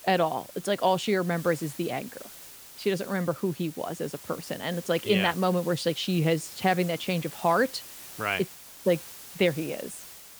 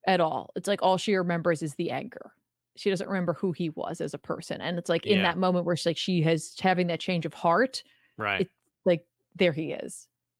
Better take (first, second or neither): second